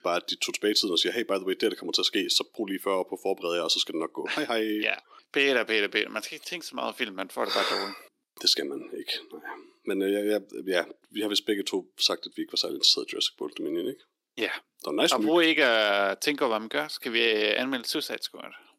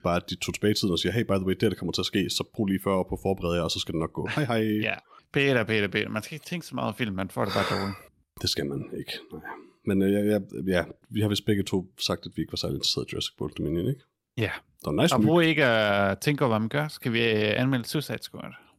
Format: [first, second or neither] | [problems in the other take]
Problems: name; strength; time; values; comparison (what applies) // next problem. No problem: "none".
second | thin; somewhat; fading below 300 Hz